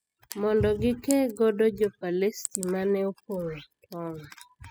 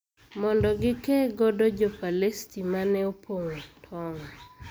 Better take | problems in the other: second | noise reduction (classical method spectral subtraction)

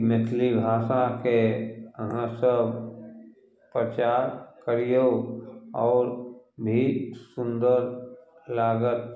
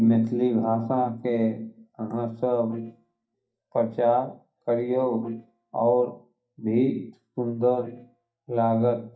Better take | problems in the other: first | noise reduction (neural mask model DeepFilterNet 3)

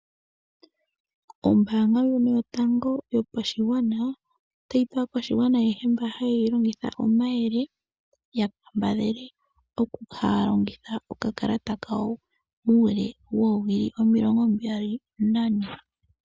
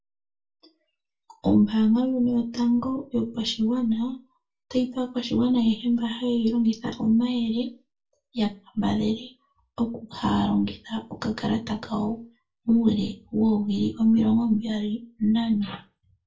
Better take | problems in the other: first | room echo; dies away in 0.2 s

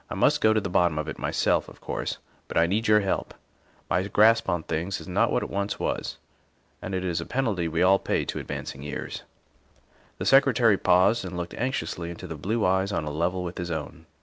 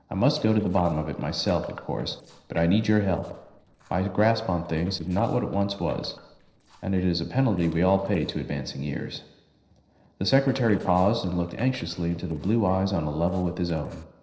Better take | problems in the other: first | noise reduction (neural separator model SepFormer DNS4)

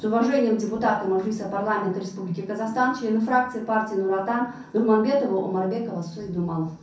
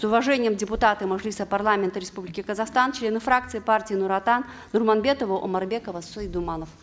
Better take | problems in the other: second | room echo; dies away in 0.6 s

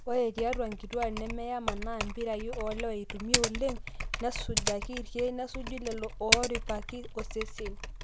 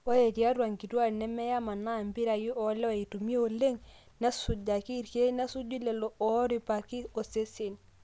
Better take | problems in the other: second | background sound (Typing); as loud as the speech

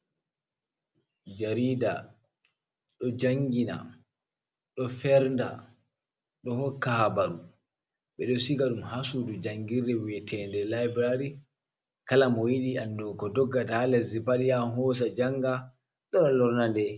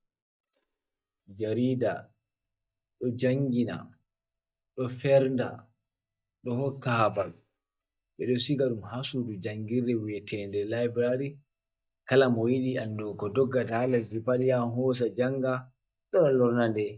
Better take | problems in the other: first | noise reduction (neural mask model DeepFilterNet 3)

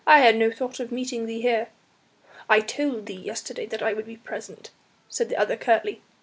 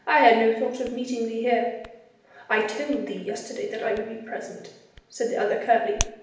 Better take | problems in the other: first | background sound (Hands); 15 dB below the speech // room echo; dies away in 0.8 s

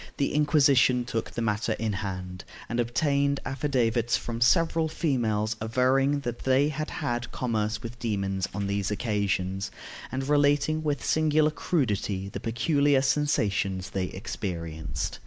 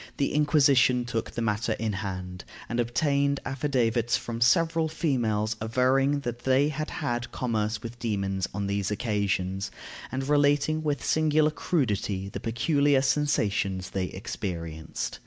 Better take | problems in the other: second | noise reduction (neural mask model Resemble Enhance denoiser)

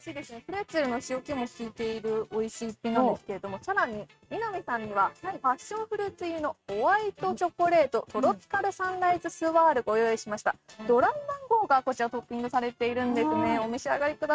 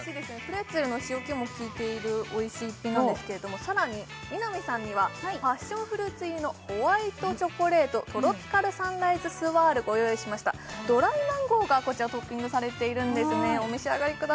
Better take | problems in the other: second | noise reduction (neural mask model RNNoise)

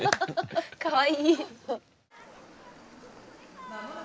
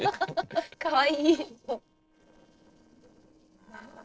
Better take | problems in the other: first | noise reduction (neural separator model SepFormer DNS4)

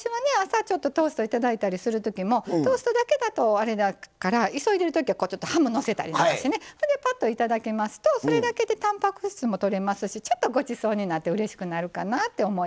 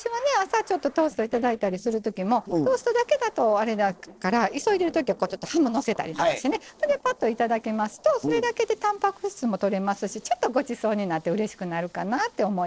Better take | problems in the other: first | noise reduction (neural separator model SepFormer DNS4)

